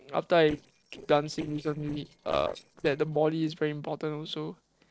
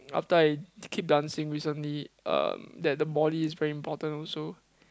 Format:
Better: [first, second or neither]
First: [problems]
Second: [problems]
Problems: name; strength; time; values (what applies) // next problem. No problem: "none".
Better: second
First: noise reduction (neural separator model SepFormer DNS4)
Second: none